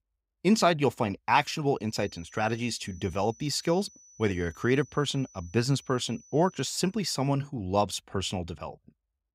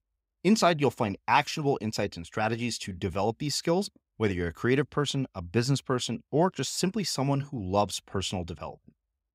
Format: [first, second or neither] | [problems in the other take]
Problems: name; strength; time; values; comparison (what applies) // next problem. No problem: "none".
second | high-pitched whine; faint; from 2 to 7 s; 6 kHz, 25 dB below the speech